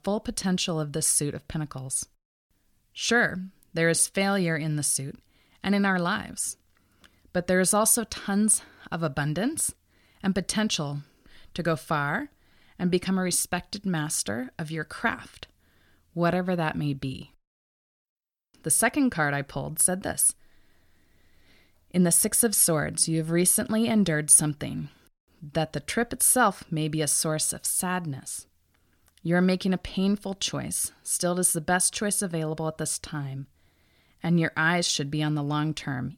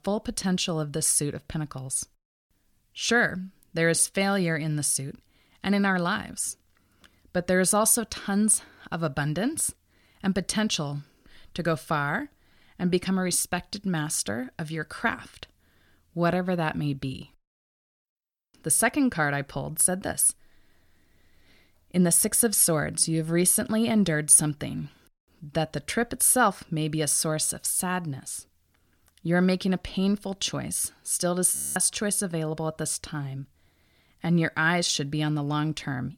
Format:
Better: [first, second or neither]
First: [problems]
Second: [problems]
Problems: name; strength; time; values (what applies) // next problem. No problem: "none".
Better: first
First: none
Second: audio freezing; at 32 s